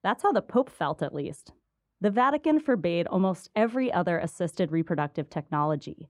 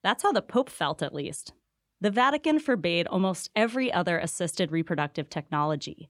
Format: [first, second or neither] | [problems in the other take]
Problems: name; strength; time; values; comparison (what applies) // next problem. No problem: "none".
second | muffled; slightly; fading above 2 kHz